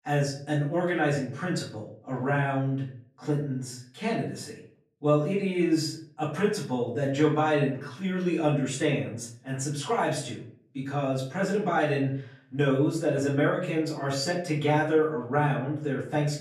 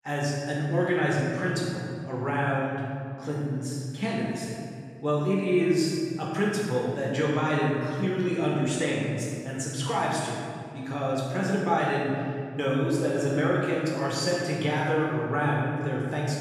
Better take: first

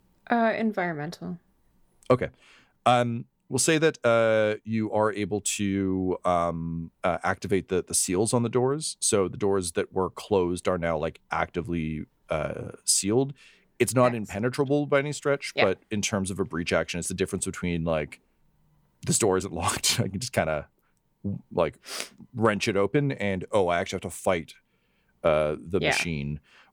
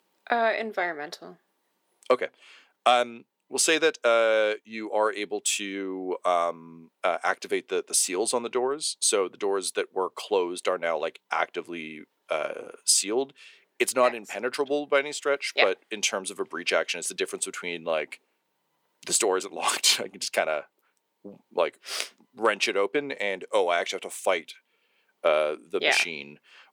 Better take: first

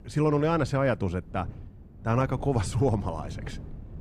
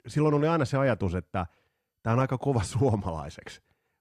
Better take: second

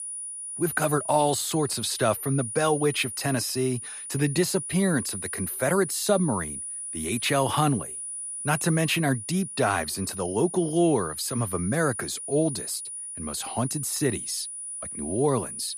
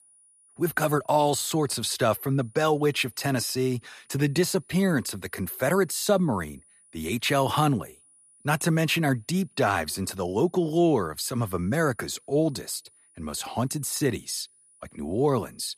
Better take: second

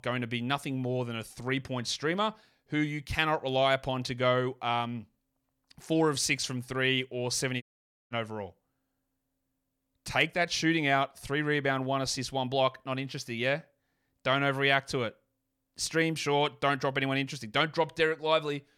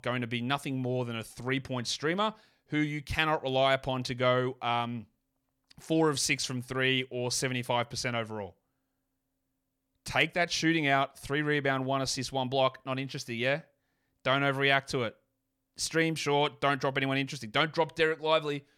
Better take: second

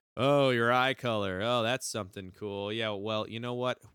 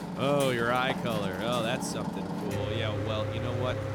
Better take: first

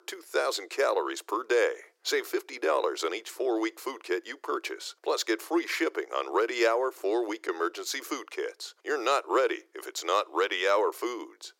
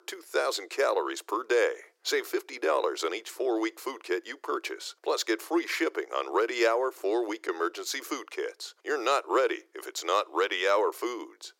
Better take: neither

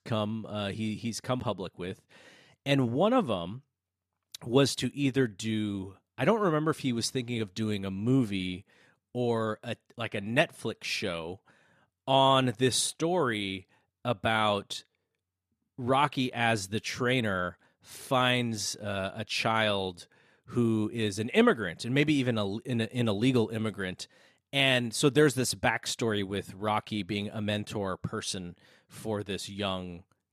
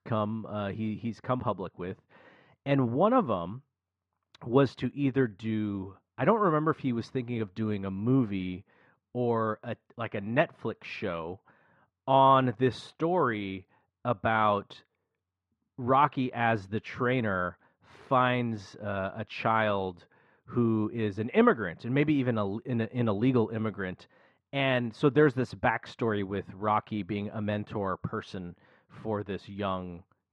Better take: first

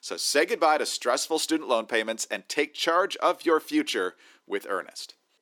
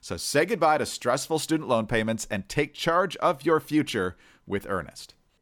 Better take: second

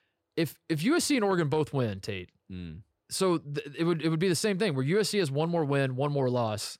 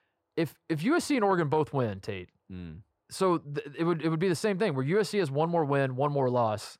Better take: first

